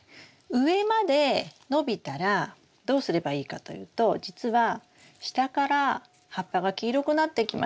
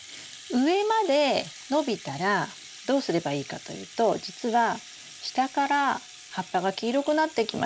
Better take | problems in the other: first | background sound (Rattle (instrument)); 18 dB below the speech

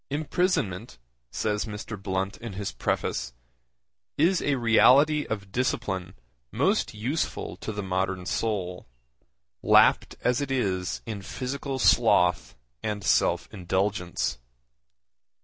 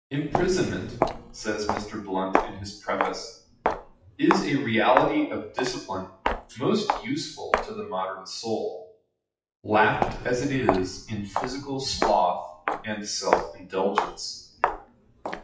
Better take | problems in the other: first | noise reduction (classical method WPE with log-MMSE)

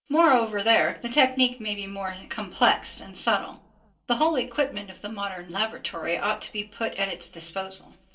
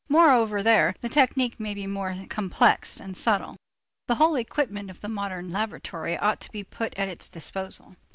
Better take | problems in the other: second | room echo; dies away in 0.2 s

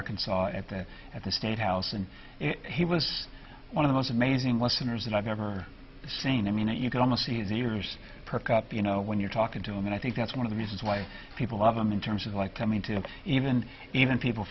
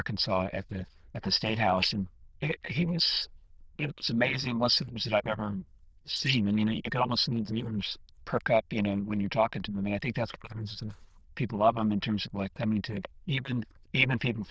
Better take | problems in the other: first | noise reduction (neural diffusion model UNIVERSE++)

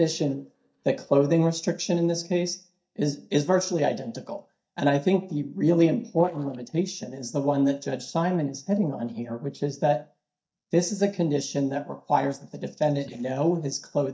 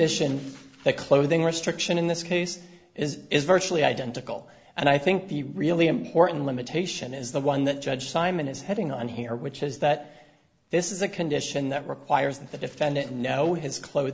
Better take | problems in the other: second | noise reduction (neural mask model DeepFilterNet 3)

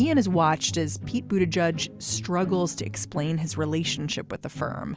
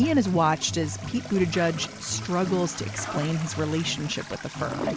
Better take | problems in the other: first | background sound (Toilet flush); 12 dB below the speech

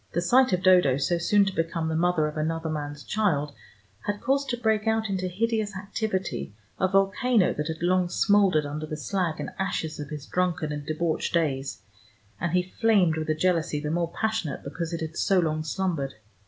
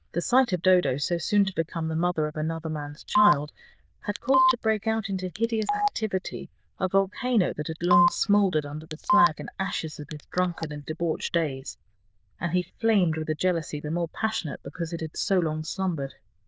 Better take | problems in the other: first | noise reduction (neural diffusion model UNIVERSE++)

